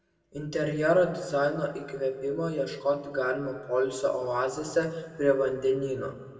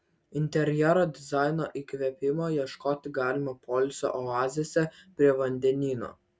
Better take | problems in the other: second | room echo; dies away in 1.4 s

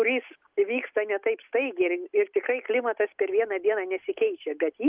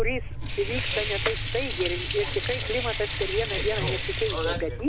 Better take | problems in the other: first | background sound (Sink (filling or washing) / Water); 1 dB above the speech

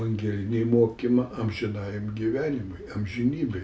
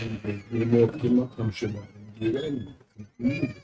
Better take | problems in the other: first | noise reduction (neural mask model RNNoise)

